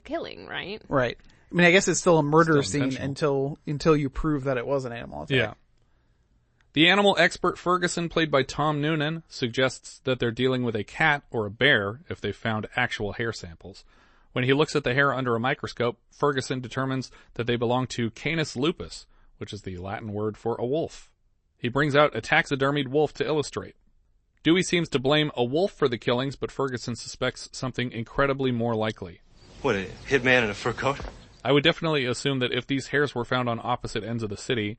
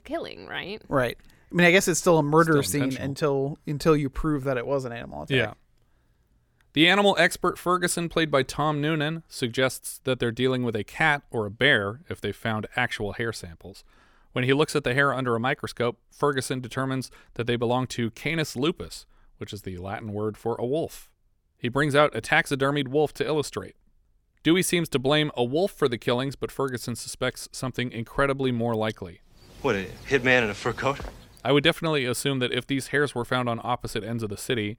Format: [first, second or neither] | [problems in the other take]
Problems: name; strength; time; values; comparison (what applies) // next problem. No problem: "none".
second | garbled, watery; slightly; nothing above 8 kHz